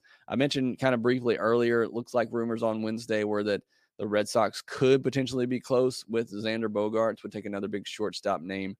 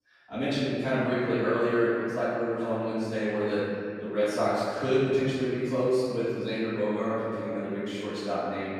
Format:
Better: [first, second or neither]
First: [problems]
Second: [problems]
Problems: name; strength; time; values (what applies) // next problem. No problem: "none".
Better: first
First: none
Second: off-mic speech; far // room echo; strong; dies away in 2.4 s